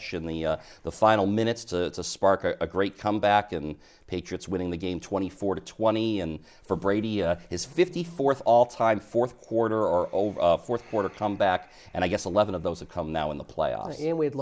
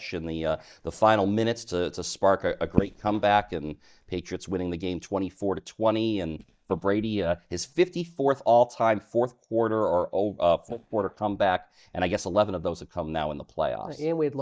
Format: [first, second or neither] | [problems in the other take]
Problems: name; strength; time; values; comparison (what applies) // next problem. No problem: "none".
first | noise reduction (neural mask model DeepFilterNet 3)